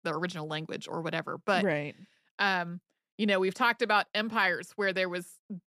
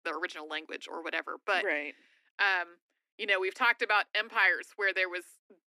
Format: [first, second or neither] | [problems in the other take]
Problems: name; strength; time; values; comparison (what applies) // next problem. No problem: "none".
first | thin; very; fading below 250 Hz